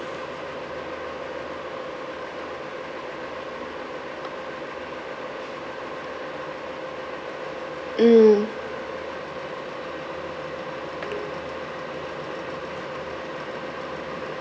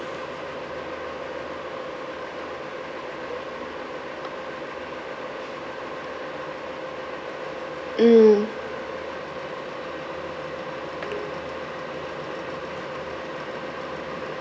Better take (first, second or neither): first